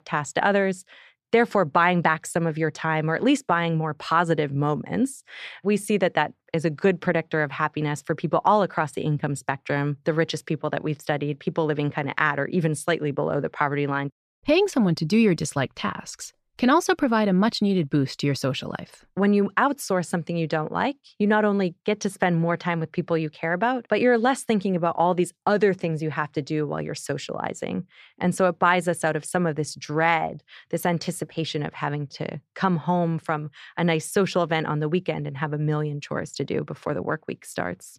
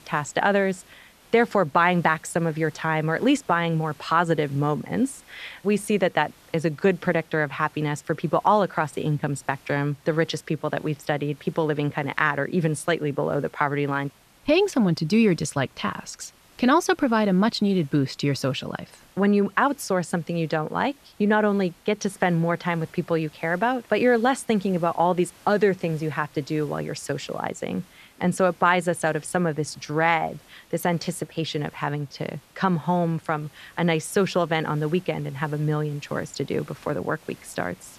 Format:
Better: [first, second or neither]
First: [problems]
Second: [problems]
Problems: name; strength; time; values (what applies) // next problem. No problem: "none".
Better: first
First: none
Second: hiss; faint; throughout; 30 dB below the speech